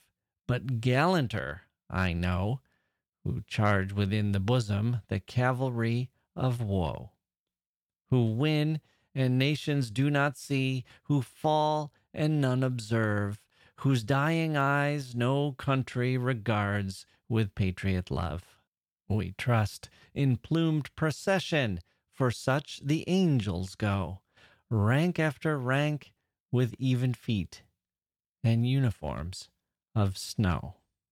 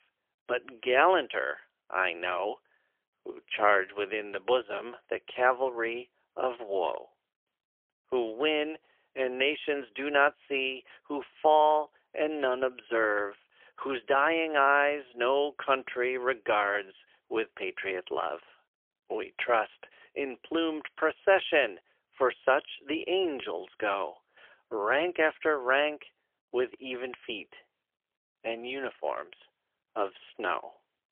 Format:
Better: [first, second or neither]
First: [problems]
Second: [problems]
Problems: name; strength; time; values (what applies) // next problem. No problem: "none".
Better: first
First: none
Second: phone-call audio; poor line; nothing above 3 kHz